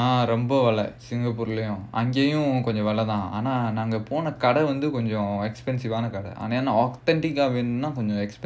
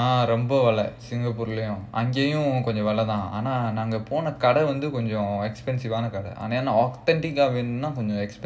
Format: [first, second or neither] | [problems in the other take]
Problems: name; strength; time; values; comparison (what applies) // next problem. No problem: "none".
first | room echo; dies away in 2.5 s